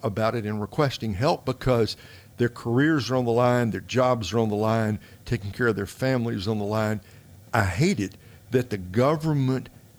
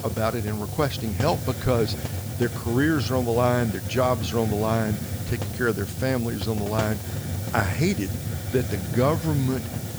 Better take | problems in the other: first | hiss; loud; throughout; 5 dB below the speech; faint in the first

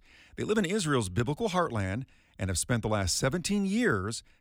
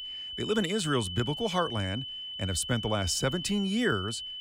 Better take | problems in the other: first | high-pitched whine; loud; throughout; 3 kHz, 6 dB below the speech

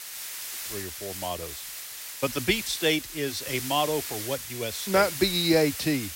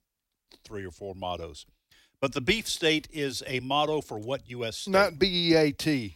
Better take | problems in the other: second | hiss; loud; throughout; 7 dB below the speech

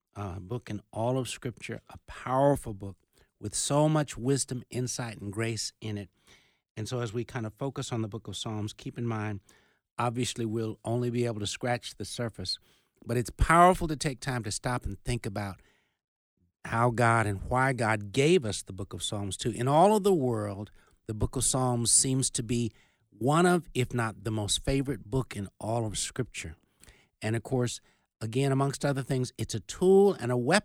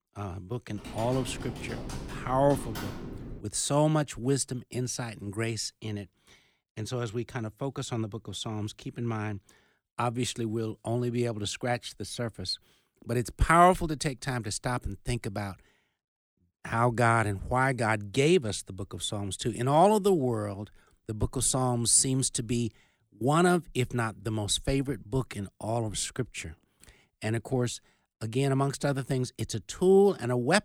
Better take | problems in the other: first | keyboard typing; noticeable; from 1 to 3.5 s; peak 9 dB below the speech

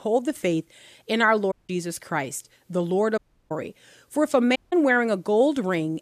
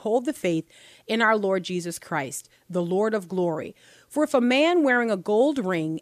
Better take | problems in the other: second | audio cutting out; at 1.5 s, at 3 s and at 4.5 s

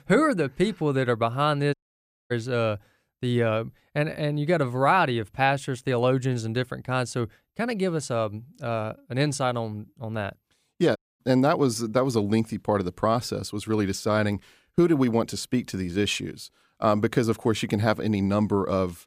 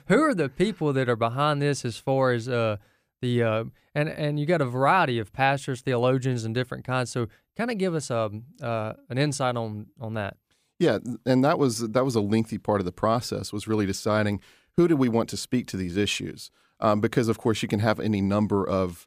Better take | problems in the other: second | audio cutting out; at 1.5 s for 0.5 s and at 11 s

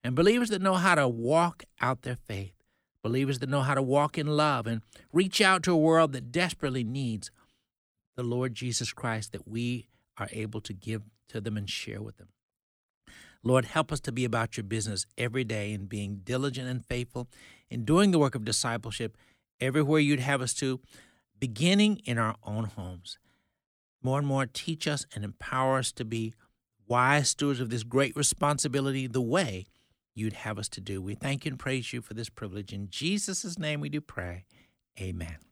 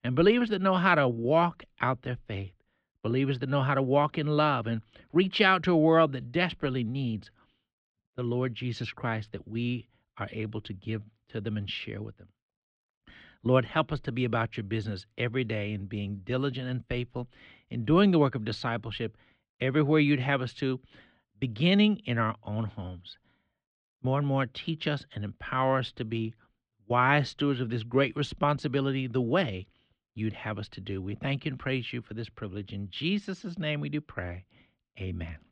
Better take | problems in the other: first | muffled; slightly; fading above 3.5 kHz

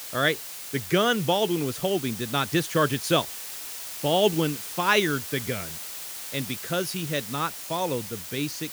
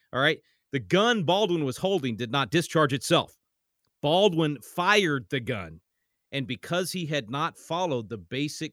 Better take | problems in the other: second | hiss; loud; throughout; 8 dB below the speech

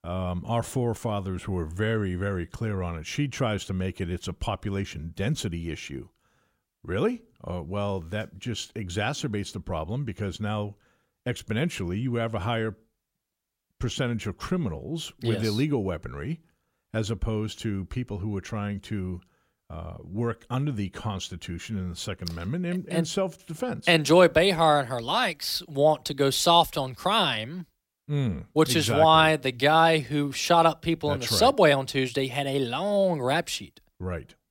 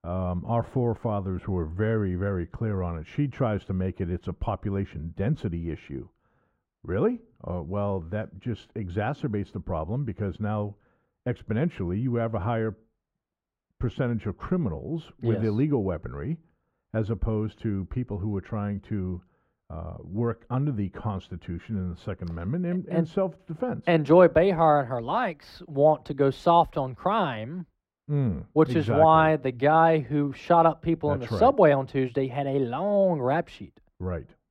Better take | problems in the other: first | muffled; very; fading above 3 kHz

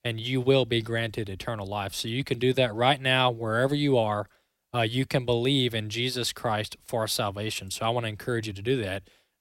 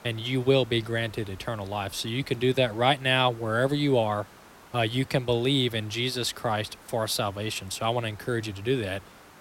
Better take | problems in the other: first | hiss; faint; throughout; 25 dB below the speech

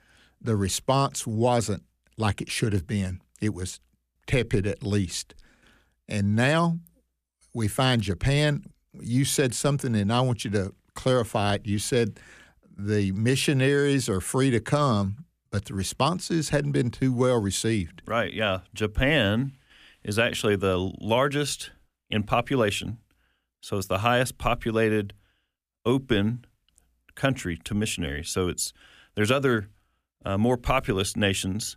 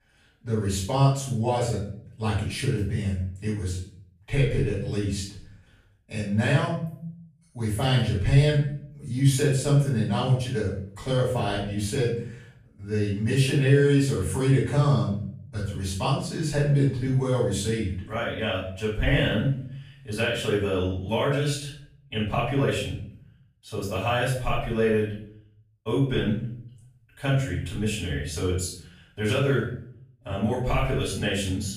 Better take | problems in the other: first | off-mic speech; far // room echo; noticeable; dies away in 0.6 s

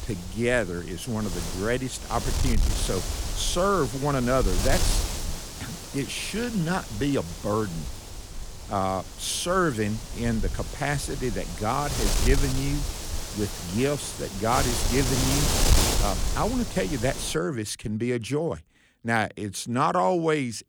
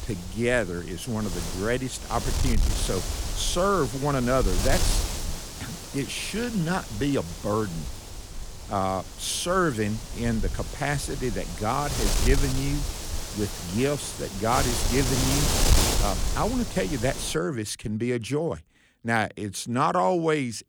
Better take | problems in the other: neither | wind noise on the microphone; heavy; until 17 s; 5 dB below the speech; the same in both

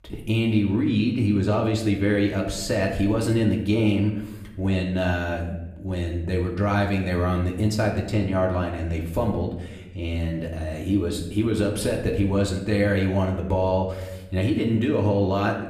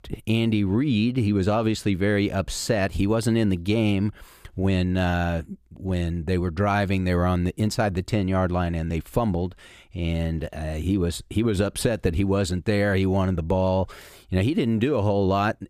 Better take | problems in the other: second | room echo; slight; dies away in 0.7 s // off-mic speech; somewhat distant

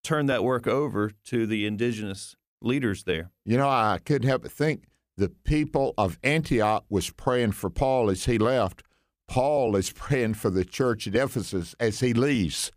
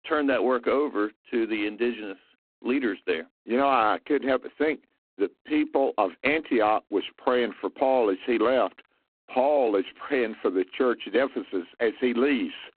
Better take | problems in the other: first | phone-call audio; poor line

